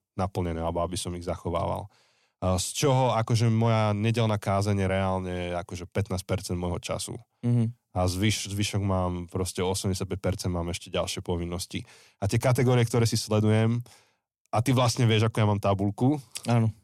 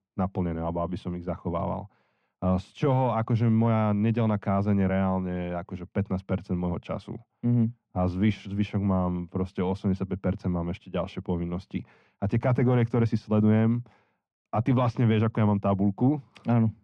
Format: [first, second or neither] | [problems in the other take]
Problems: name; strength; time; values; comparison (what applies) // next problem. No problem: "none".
first | muffled; very; fading above 1.5 kHz